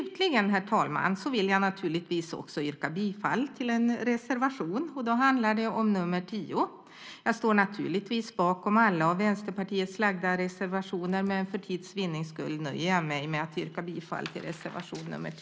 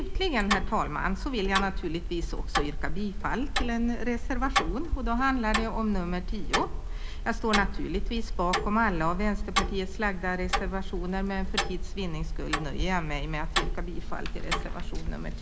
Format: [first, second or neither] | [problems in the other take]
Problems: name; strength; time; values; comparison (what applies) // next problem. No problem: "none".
first | background sound (Tick-tock); 1 dB above the speech